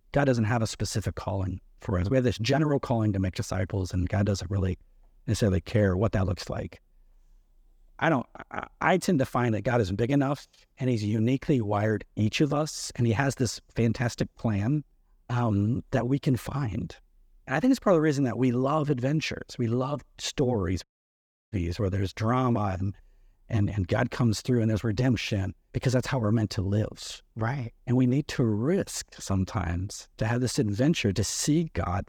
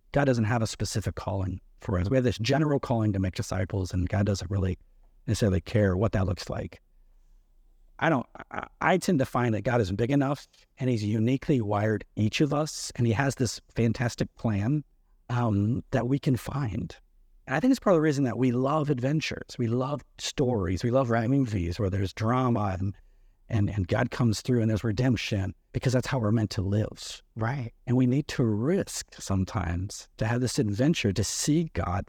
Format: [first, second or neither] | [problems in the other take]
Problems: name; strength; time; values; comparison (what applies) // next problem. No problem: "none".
second | audio cutting out; at 21 s for 0.5 s